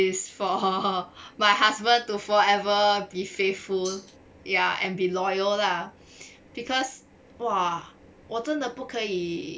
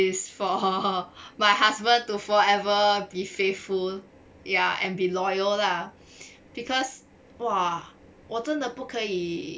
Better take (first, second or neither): second